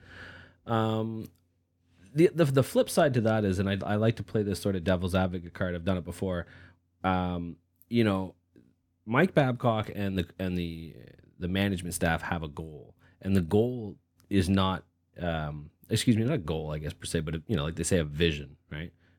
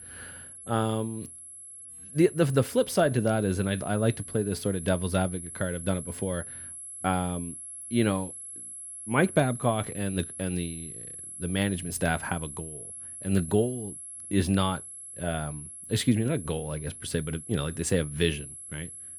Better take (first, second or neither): first